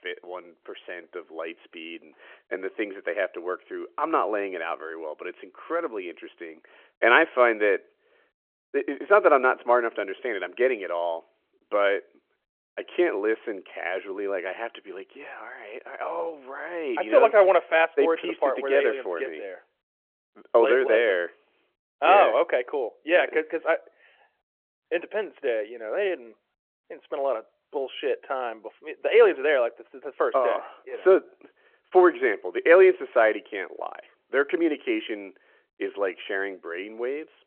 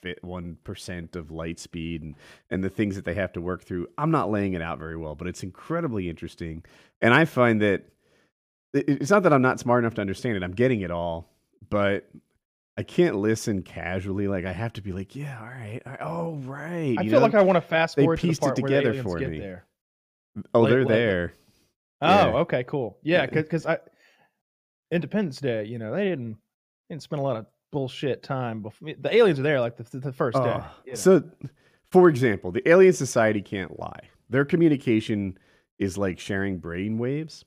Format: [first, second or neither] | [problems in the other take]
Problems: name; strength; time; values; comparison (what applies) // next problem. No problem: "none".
second | phone-call audio